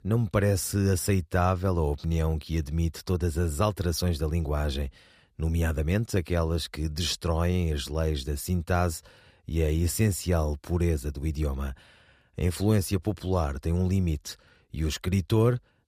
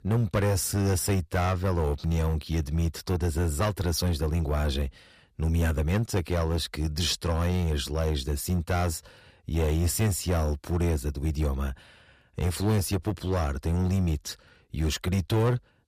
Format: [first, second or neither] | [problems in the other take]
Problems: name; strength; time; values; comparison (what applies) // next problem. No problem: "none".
first | distortion; slight; 8% of the sound clipped